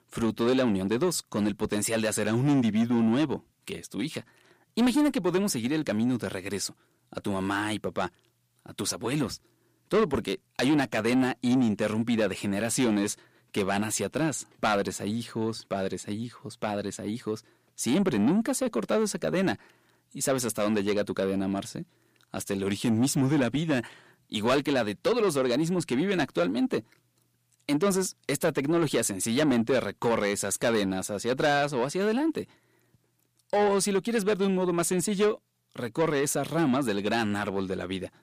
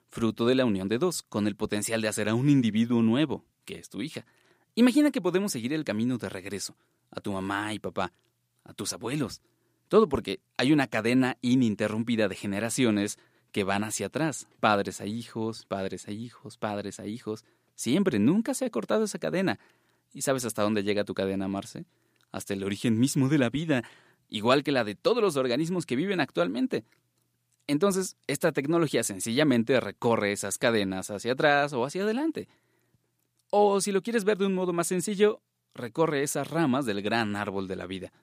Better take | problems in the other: second | distortion; slight; 10 dB below the speech

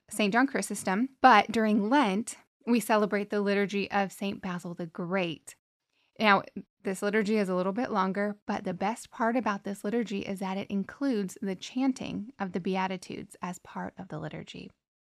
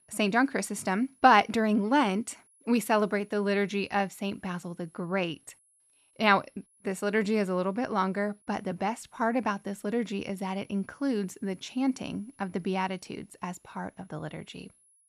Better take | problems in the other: first | high-pitched whine; faint; throughout; 10.5 kHz, 35 dB below the speech

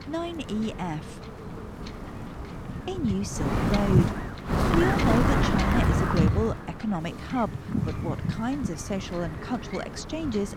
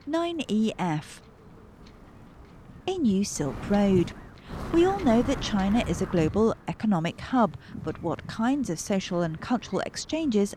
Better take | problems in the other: second | wind noise on the microphone; heavy; 1 dB above the speech; occasional gusts in the second

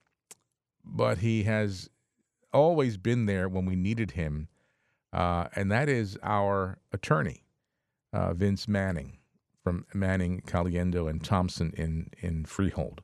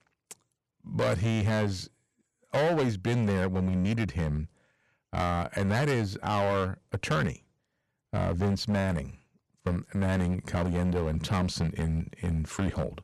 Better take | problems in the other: first | distortion; heavy; 12% of the sound clipped

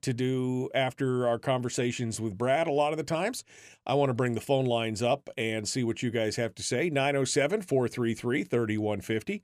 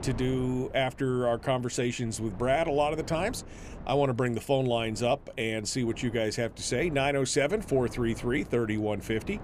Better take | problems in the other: first | wind noise on the microphone; occasional gusts; 20 dB below the speech

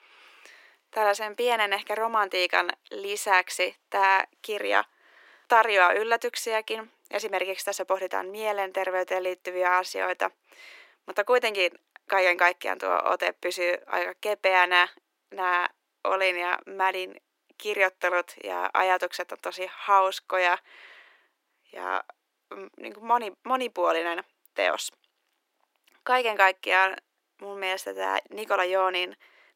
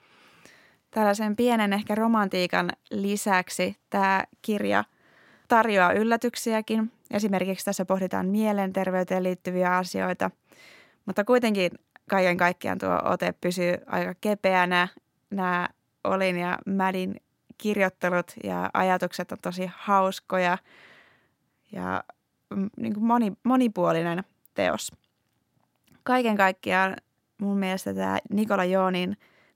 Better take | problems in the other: second | thin; very; fading below 350 Hz

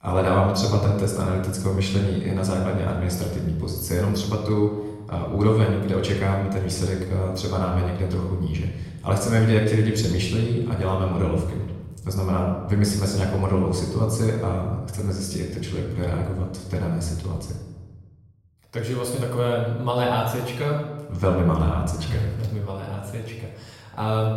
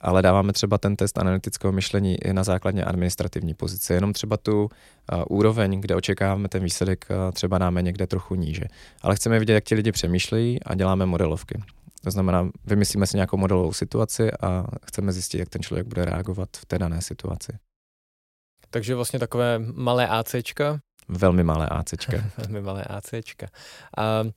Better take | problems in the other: second | off-mic speech; far // room echo; noticeable; dies away in 1 s

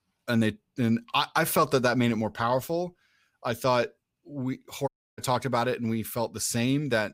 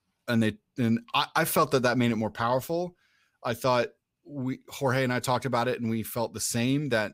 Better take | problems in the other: second | audio cutting out; at 5 s

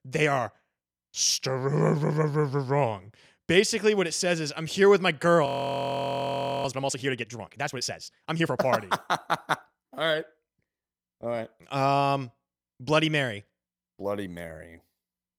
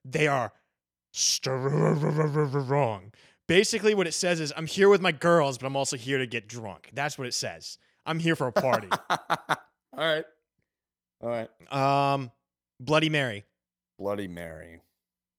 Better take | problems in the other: second | audio freezing; at 5.5 s for 1 s

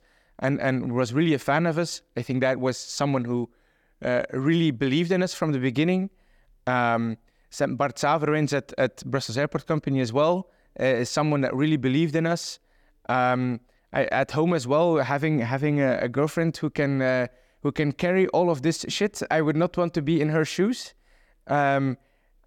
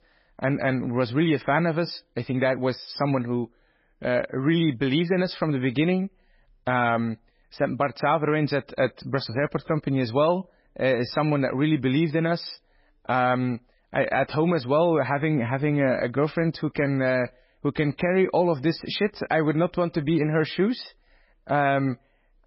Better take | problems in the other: first | garbled, watery; badly; nothing above 5.5 kHz

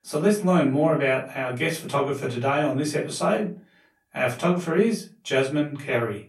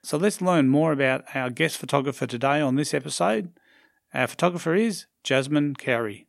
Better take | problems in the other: second | off-mic speech; far // room echo; very slight; dies away in 0.3 s

